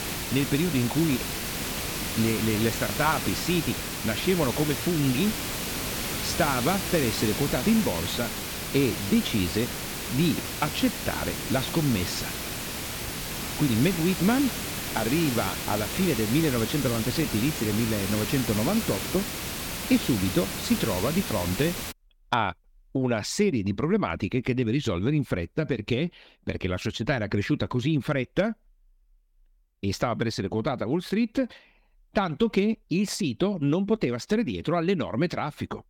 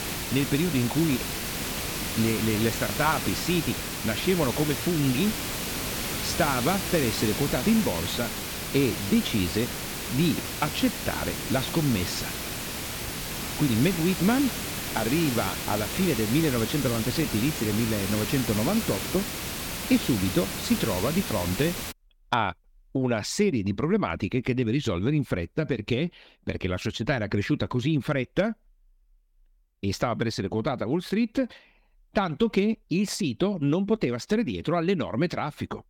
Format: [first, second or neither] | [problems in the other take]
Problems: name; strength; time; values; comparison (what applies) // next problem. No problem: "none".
neither | hiss; loud; until 22 s; 3 dB below the speech; the same in both